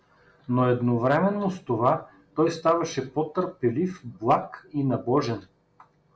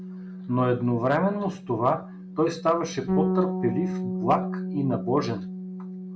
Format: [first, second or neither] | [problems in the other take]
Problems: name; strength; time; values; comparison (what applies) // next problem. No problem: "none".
first | background sound (Bass guitar); 5 dB below the speech